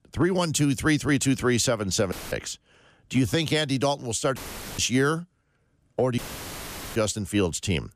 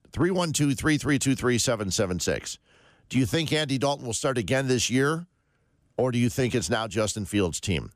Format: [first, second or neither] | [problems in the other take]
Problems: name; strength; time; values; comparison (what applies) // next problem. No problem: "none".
second | audio cutting out; filled with static; at 2 s, at 4.5 s and at 6 s for 1 s